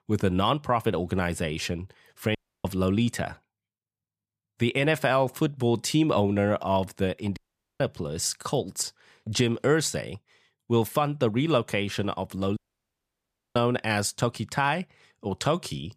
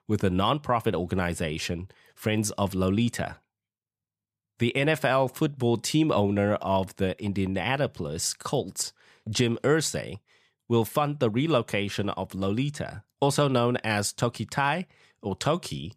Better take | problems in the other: second | audio cutting out; at 2.5 s, at 7.5 s and at 13 s for 1 s

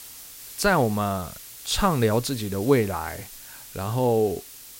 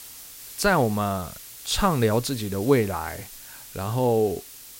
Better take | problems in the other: neither | hiss; noticeable; throughout; 15 dB below the speech; the same in both

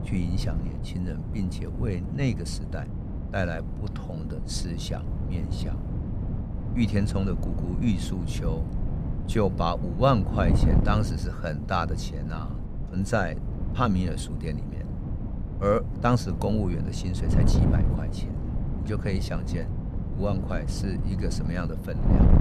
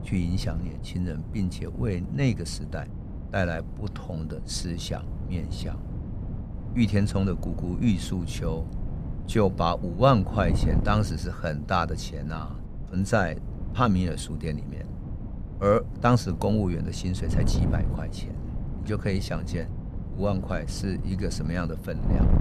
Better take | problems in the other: second | wind noise on the microphone; heavy; 8 dB below the speech; occasional gusts in the second

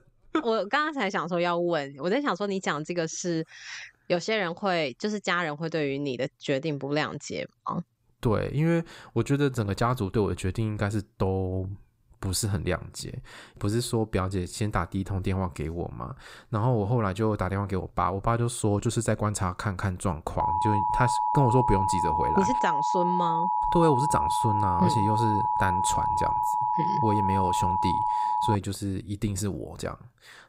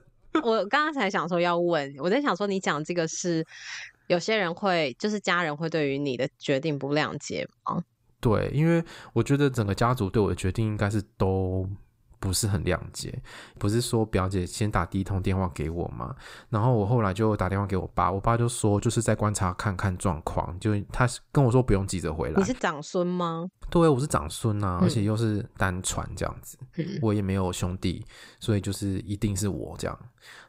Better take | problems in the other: second | alarm; loud; from 20 to 29 s; peak 3 dB above the speech

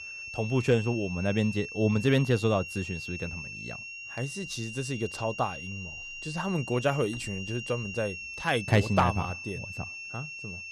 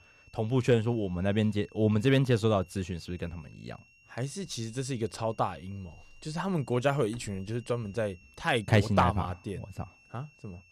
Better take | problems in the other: second | high-pitched whine; loud; throughout; 3 kHz, 9 dB below the speech; faint in the second

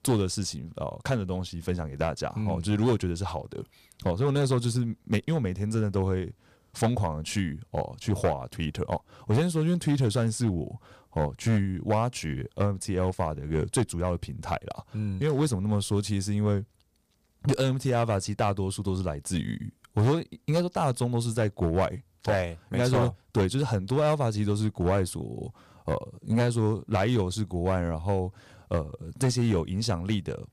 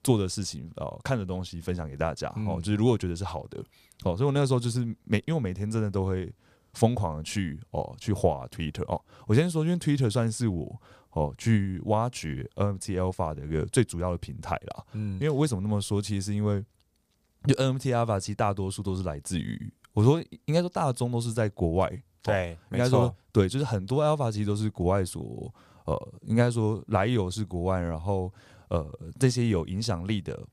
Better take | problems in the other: second | distortion; slight; 4% of the sound clipped

